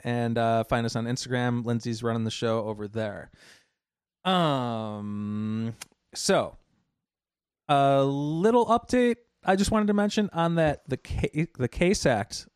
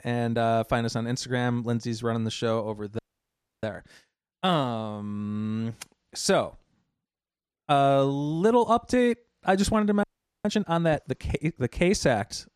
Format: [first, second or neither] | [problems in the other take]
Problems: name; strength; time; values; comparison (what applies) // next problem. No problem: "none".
first | audio freezing; at 3 s for 0.5 s and at 10 s